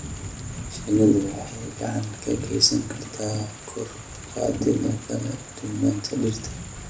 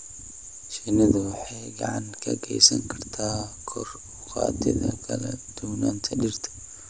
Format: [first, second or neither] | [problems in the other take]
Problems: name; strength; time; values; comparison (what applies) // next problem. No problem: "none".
second | background sound (Thunder / Rain); 12 dB below the speech // room echo; dies away in 0.3 s